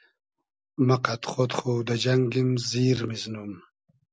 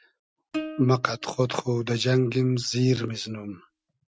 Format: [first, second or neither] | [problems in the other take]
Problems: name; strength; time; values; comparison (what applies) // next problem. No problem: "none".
first | noise reduction (neural mask model RNNoise)